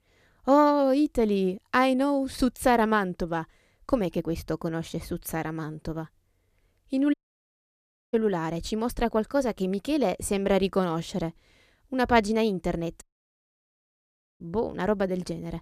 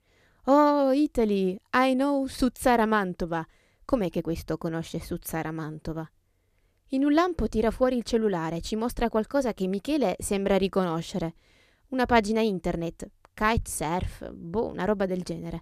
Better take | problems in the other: second | audio cutting out; at 7 s for 1 s and at 13 s for 1.5 s

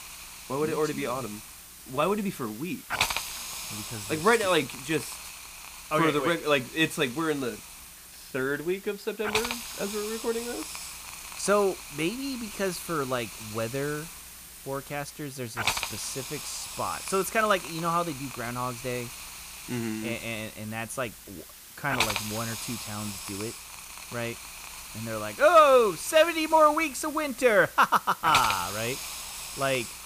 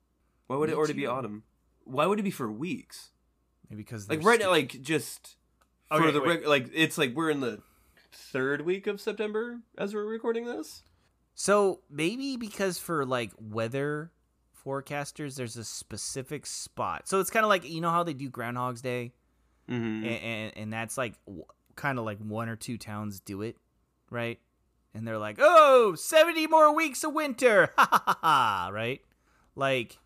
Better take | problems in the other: second | hiss; loud; throughout; 8 dB below the speech

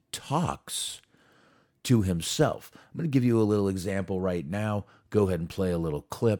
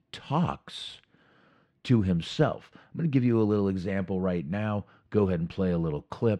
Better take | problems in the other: first | muffled; slightly; fading above 3 kHz

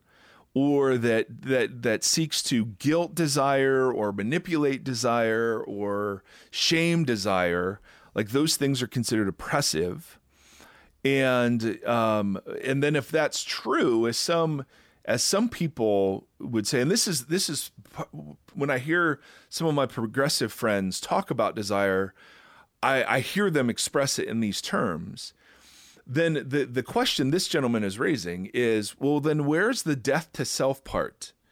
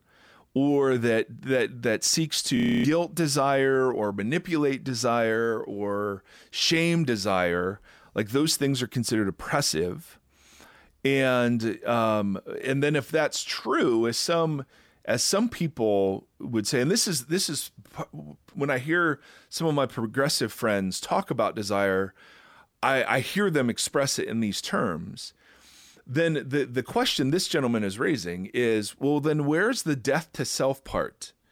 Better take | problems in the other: first | audio freezing; at 2.5 s

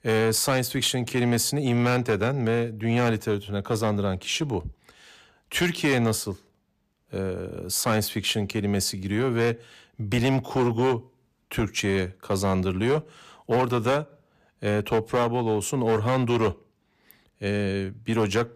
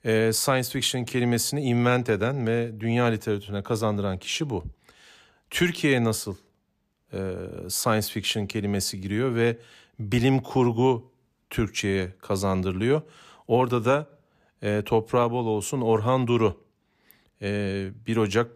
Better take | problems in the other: second | distortion; slight; 6% of the sound clipped

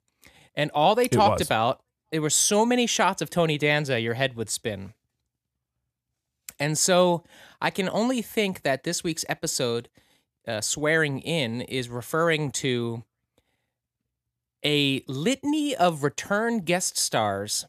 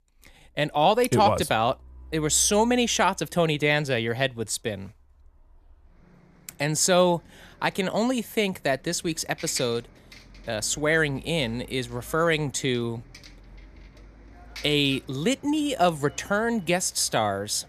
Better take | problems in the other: first | traffic noise; faint; throughout; 25 dB below the speech

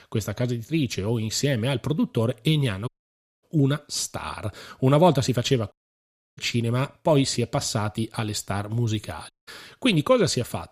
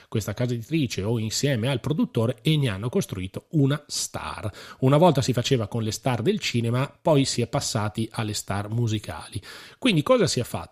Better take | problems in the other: second | audio cutting out; at 3 s for 0.5 s, at 5.5 s for 0.5 s and at 9.5 s

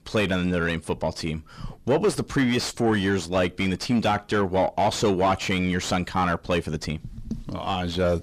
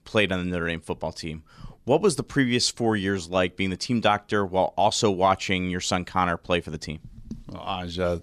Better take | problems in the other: second | distortion; heavy; 7 dB below the speech

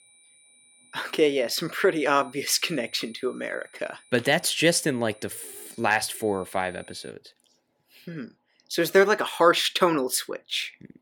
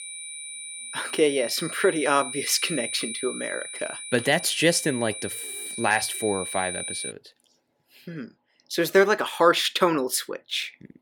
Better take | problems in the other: first | high-pitched whine; loud; until 7 s; 9.5 kHz, 8 dB below the speech; faint in the first

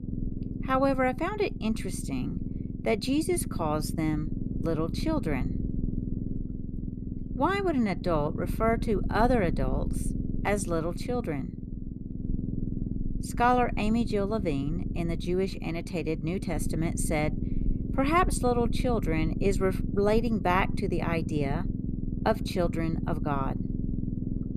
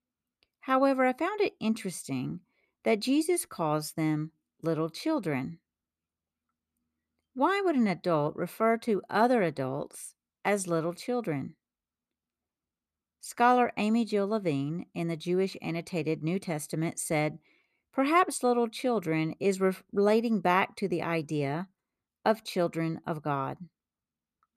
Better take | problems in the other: second | low rumble; noticeable; throughout; 10 dB below the speech

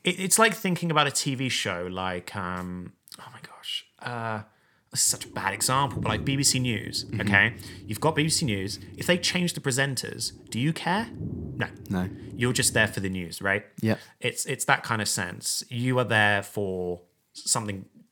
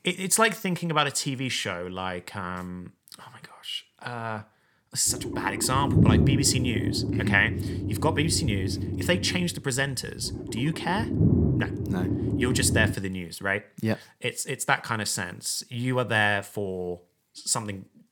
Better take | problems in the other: first | low rumble; loud; from 5 to 13 s; 7 dB below the speech; faint in the first

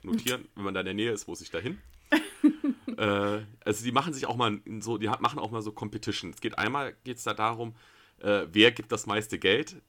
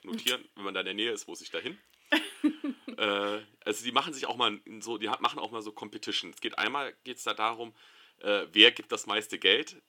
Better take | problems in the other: first | thin; very slightly; fading below 300 Hz

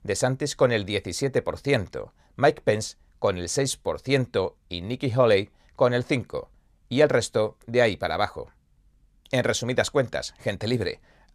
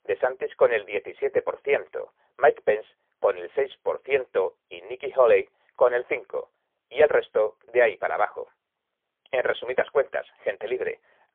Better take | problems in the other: first | phone-call audio; poor line; nothing above 3.5 kHz

